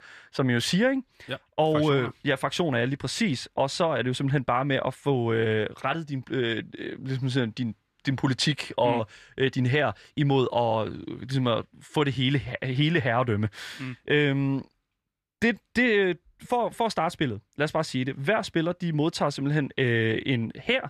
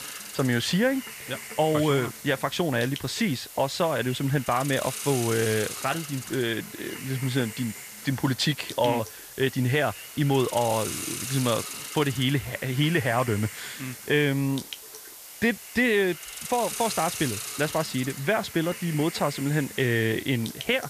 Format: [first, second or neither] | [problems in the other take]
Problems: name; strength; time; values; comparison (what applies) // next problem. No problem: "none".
first | hiss; loud; throughout; 9 dB below the speech